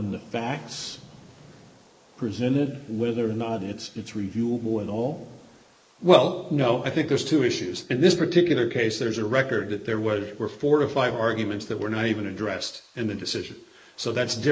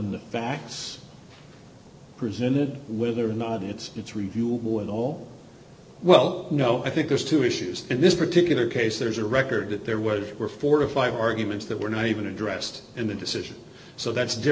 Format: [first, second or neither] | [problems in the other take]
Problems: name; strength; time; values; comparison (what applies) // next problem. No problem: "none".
second | noise reduction (neural mask model Resemble Enhance denoiser)